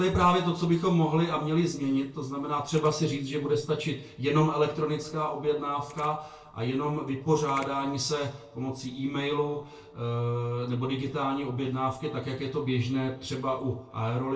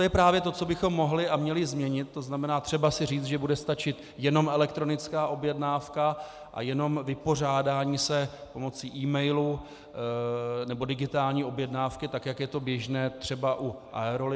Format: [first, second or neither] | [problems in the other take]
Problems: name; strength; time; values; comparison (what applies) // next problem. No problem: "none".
second | noise reduction (neural separator model SepFormer DNS4)